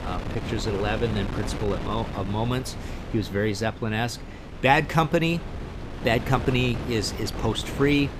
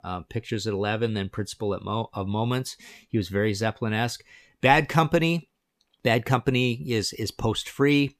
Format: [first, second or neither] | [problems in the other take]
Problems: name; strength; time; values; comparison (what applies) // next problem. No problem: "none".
second | wind noise on the microphone; occasional gusts; 10 dB below the speech